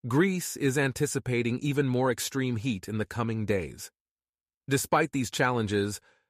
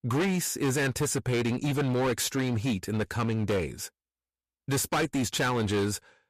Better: first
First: none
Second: distortion; heavy; 20% of the sound clipped

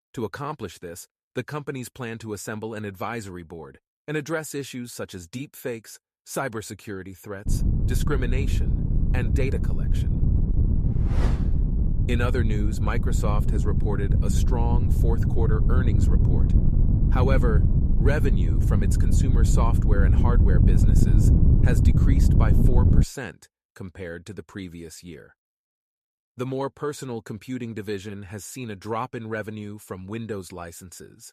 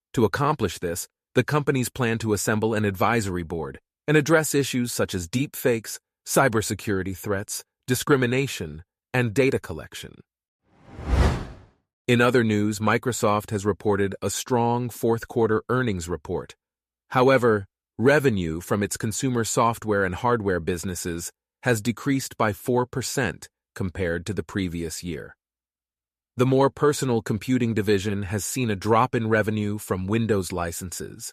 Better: second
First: wind noise on the microphone; heavy; from 7.5 to 23 s; 2 dB below the speech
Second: none

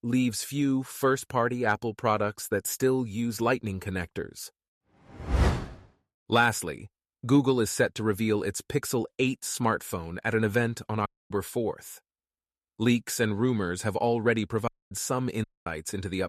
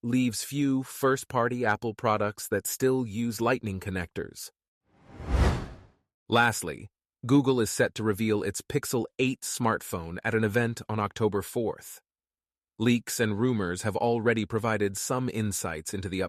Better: second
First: audio cutting out; at 11 s and at 15 s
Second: none

